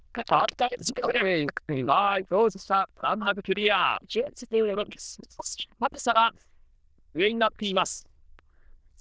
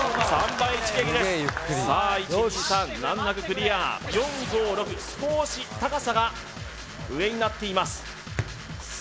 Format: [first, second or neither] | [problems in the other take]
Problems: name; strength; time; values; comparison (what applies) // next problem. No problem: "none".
second | noise reduction (neural diffusion model UNIVERSE++)